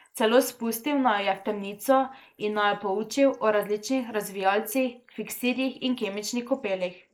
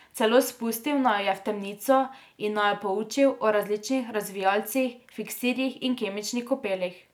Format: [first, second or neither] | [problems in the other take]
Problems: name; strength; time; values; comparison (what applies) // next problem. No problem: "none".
second | noise reduction (neural mask model Resemble Enhance denoiser)